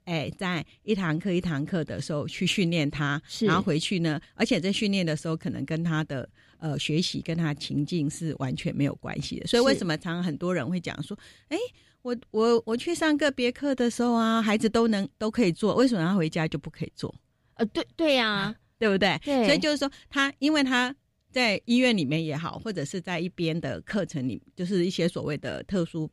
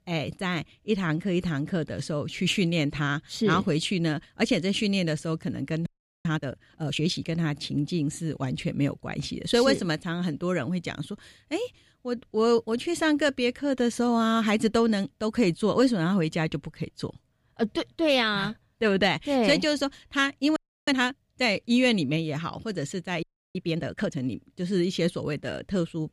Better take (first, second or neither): first